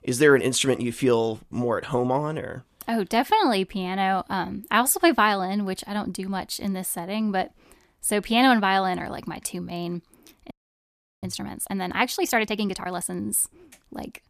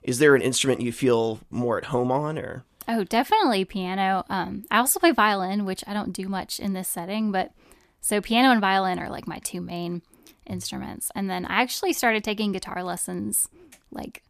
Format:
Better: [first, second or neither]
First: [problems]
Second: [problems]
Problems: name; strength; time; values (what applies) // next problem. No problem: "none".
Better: second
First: audio freezing; at 11 s for 0.5 s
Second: none